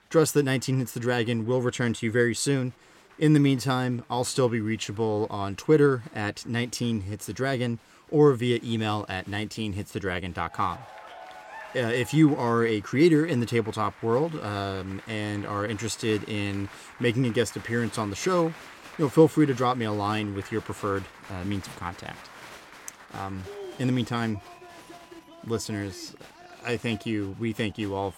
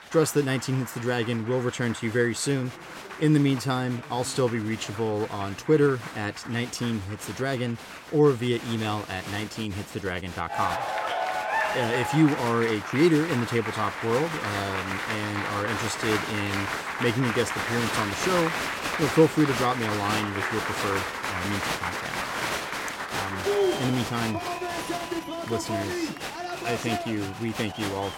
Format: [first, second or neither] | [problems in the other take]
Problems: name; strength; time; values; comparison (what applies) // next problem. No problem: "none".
first | crowd noise; loud; throughout; 4 dB below the speech; faint in the first